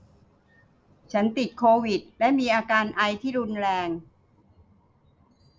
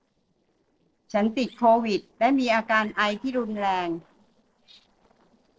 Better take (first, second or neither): first